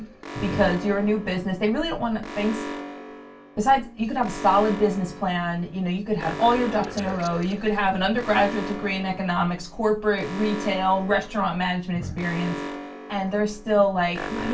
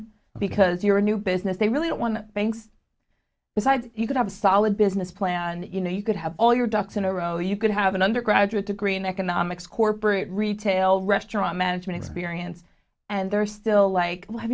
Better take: second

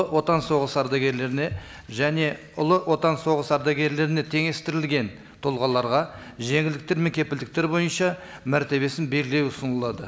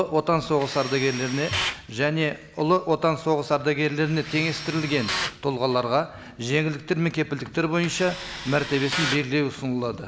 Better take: first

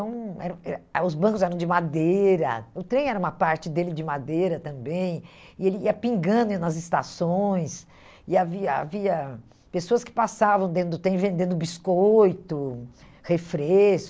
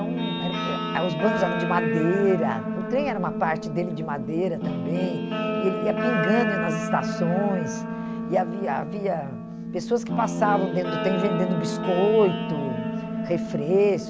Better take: first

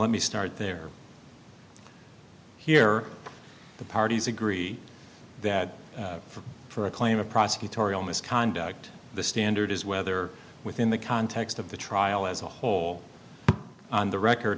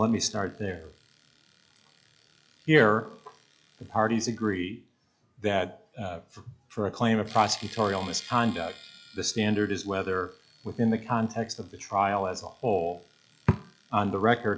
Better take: first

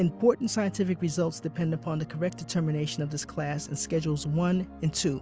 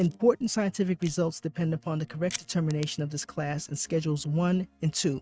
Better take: first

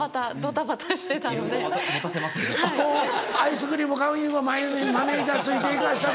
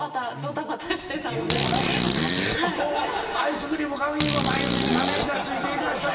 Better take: first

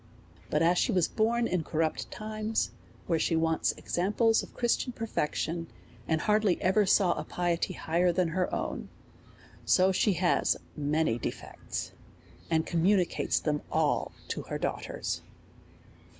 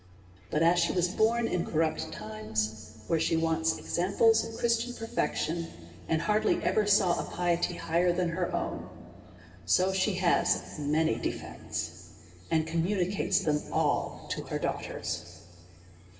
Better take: first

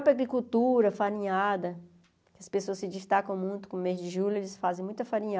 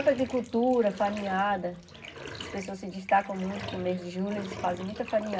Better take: first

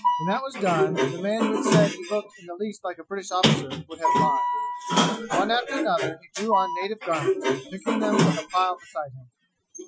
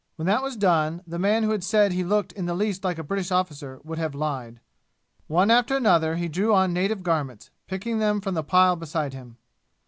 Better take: second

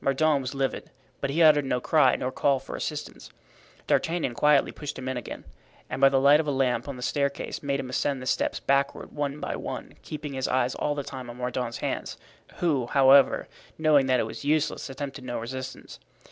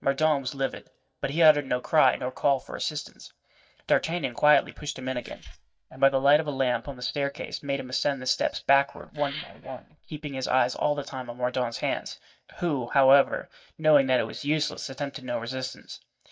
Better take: first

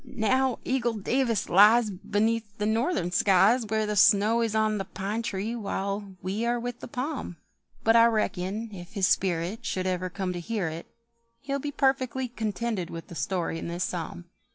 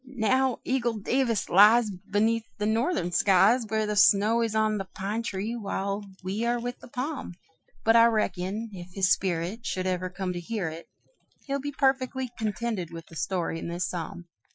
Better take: first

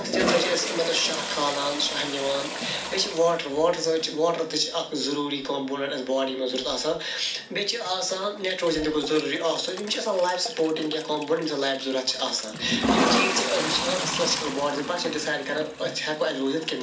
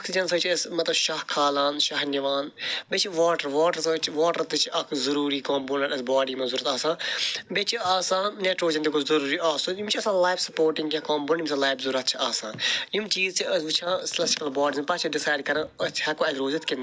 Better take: second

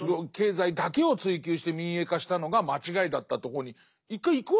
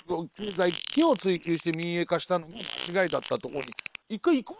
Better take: first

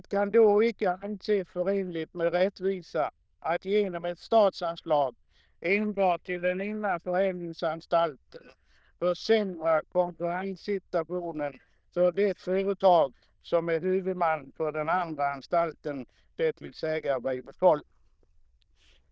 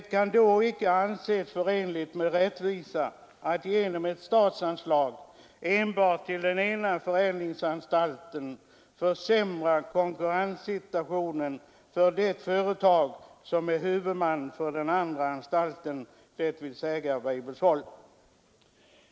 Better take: second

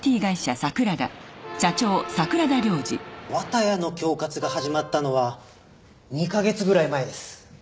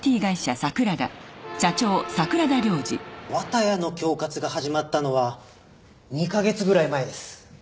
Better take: second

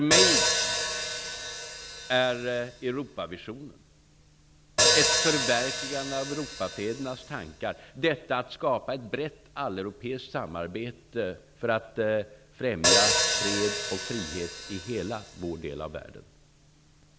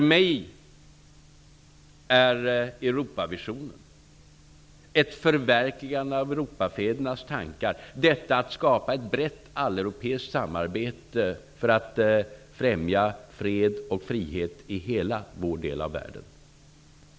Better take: second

